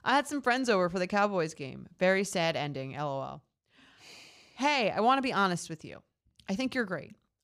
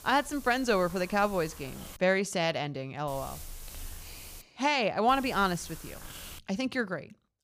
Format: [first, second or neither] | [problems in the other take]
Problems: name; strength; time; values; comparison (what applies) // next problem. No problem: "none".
first | hiss; noticeable; until 2 s, from 3 to 4.5 s and from 5 to 6.5 s; 15 dB below the speech